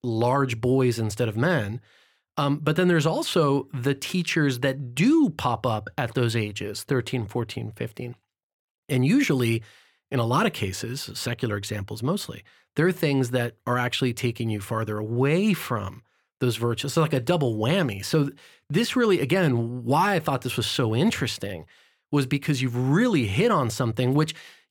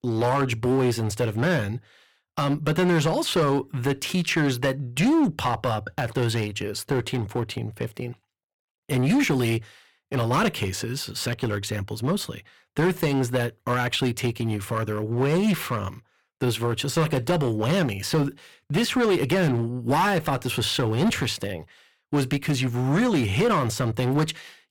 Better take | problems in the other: first | distortion; slight; 9% of the sound clipped

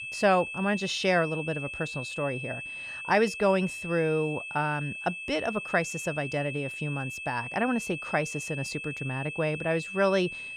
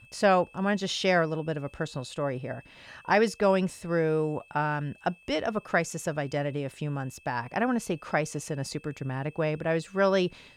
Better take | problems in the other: second | high-pitched whine; loud; throughout; 2.5 kHz, 7 dB below the speech; faint in the second

